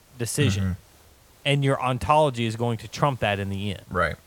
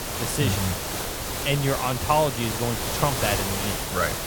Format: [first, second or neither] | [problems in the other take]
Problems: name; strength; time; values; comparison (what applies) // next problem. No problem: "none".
first | hiss; loud; throughout; 1 dB below the speech; faint in the first